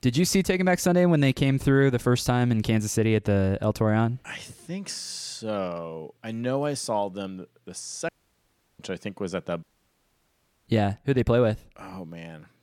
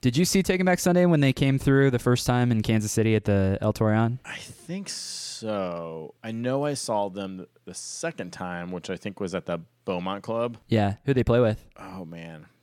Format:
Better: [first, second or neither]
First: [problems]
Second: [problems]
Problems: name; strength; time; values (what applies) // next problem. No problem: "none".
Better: second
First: audio cutting out; at 8 s for 0.5 s and at 9.5 s for 1 s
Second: none